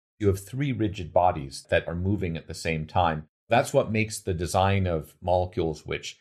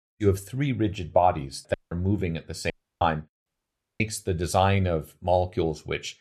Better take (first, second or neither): first